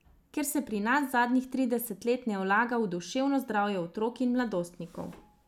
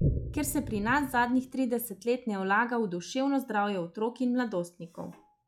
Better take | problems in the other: first | noise reduction (classical method log-MMSE)

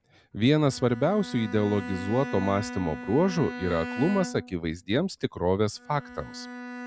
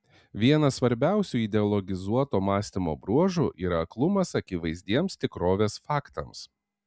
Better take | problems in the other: second | background sound (Bowed string instrument); 11 dB below the speech

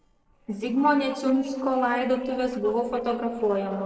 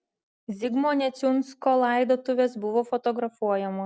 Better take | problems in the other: second | noise reduction (neural separator model SepFormer DNS4)

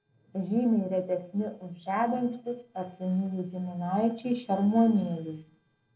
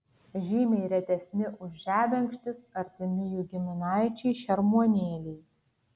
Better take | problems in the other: second | noise reduction (neural separator model SepFormer DNS4)

